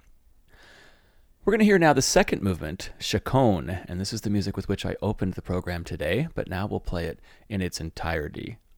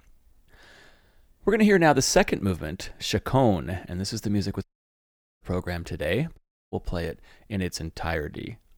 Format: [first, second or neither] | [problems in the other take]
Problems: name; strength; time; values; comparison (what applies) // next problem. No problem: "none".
first | audio cutting out; at 4.5 s for 1 s and at 6.5 s